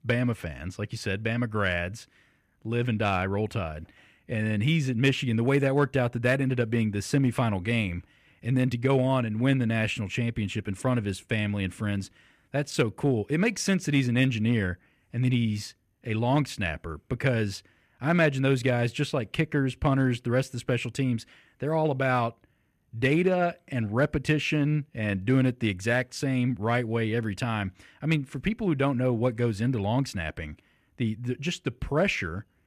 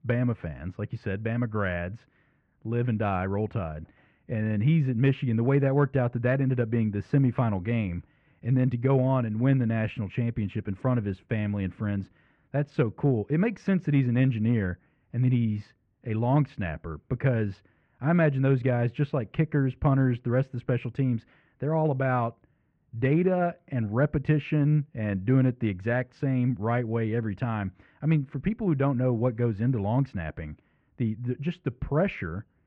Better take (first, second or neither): first